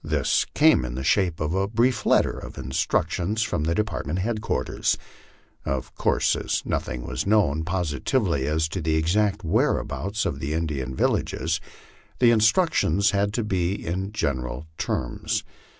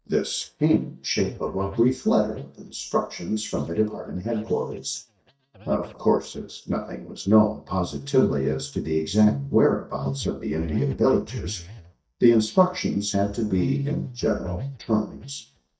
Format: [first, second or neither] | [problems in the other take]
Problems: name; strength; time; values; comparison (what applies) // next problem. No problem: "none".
first | noise reduction (neural mask model DeepFilterNet 3)